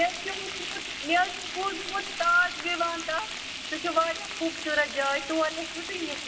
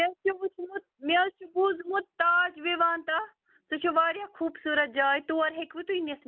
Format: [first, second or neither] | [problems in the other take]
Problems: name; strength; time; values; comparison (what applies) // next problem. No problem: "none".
second | background sound (Frying (food)); 7 dB below the speech // room echo; dies away in 0.8 s